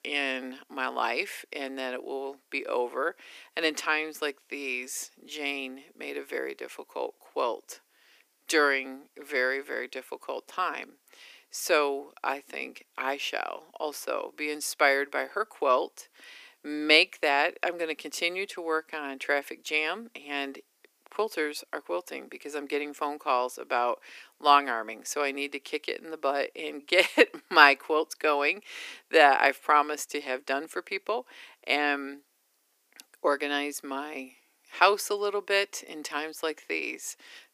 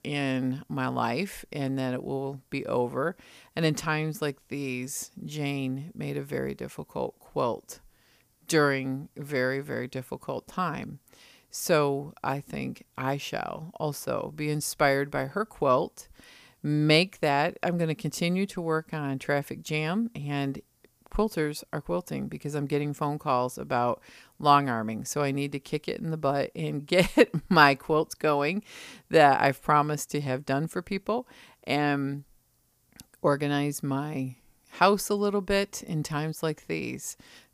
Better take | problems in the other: second | thin; somewhat; fading below 300 Hz

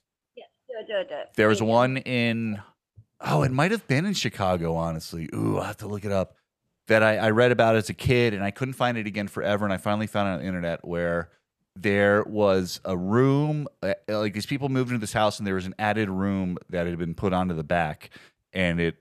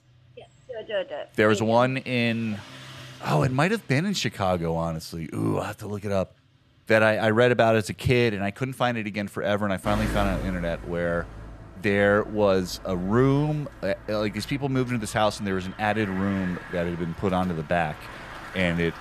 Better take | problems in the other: first | traffic noise; noticeable; throughout; 15 dB below the speech

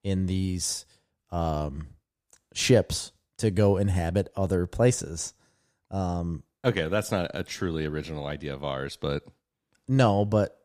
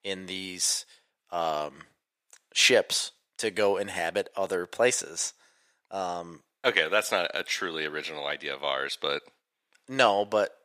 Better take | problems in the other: first | thin; very; fading below 550 Hz

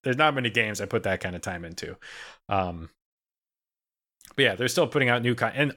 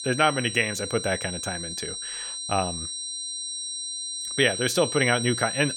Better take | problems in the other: first | high-pitched whine; loud; throughout; 4 kHz, 5 dB below the speech

